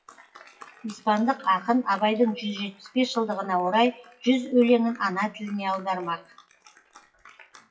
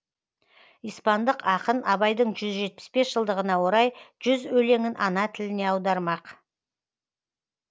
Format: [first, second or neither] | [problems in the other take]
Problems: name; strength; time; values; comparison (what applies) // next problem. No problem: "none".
second | noise reduction (classical method WPE with log-MMSE)